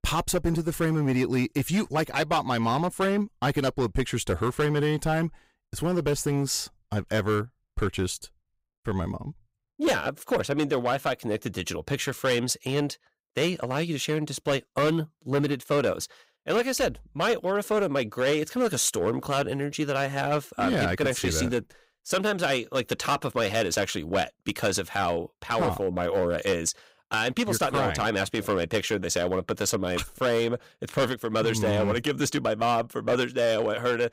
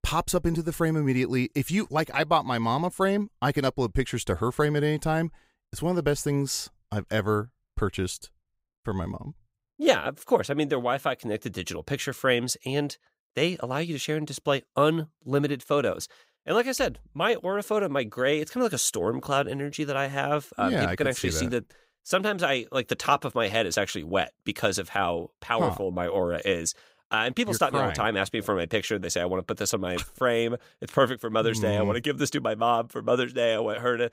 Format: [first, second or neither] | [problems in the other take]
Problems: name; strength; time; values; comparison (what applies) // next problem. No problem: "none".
second | distortion; slight; 7% of the sound clipped